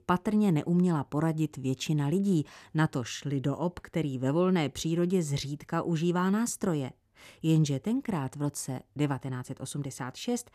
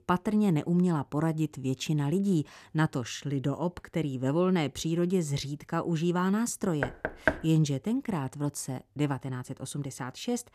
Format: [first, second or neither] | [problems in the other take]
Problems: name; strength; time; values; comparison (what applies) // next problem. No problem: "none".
first | door banging; noticeable; at 7 s; peak level with the speech